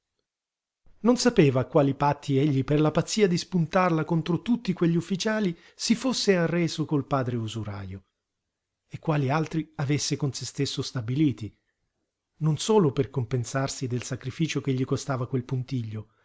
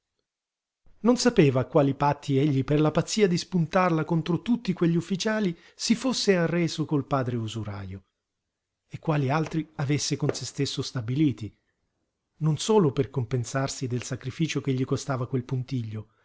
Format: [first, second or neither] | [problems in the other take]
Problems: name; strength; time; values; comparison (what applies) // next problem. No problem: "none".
first | background sound (Fireworks); 18 dB below the speech